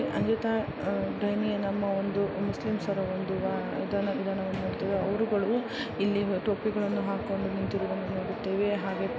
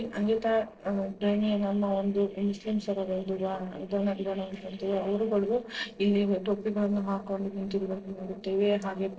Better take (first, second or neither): first